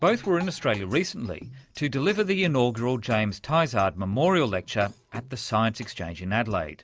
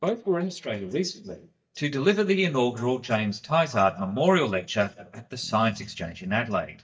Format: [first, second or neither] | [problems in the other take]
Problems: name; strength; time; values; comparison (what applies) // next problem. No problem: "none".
first | noise reduction (neural mask model DeepFilterNet 3)